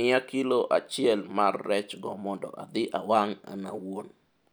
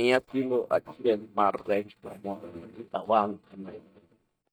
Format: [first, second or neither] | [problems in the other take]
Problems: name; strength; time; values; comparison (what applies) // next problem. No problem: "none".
first | noise reduction (neural mask model DeepFilterNet 3)